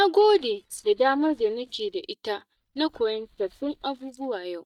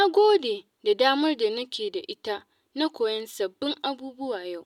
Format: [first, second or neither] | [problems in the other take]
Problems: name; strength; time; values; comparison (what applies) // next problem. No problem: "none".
second | noise reduction (neural mask model DeepFilterNet 3)